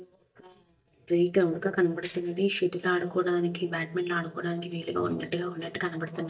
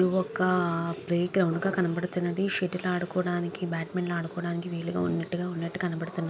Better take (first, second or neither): second